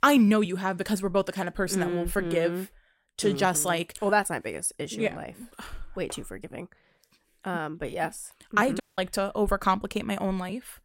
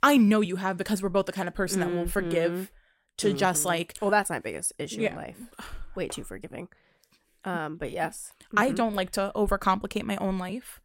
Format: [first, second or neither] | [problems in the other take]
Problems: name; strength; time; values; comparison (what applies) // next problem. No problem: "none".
second | audio cutting out; at 9 s